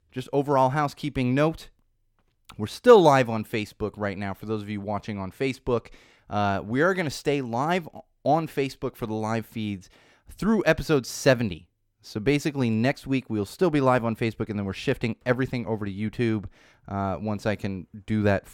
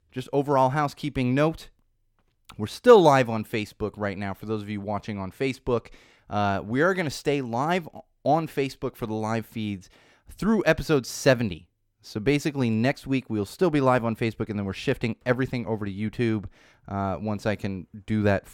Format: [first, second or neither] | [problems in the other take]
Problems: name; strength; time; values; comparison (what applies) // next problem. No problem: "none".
neither | none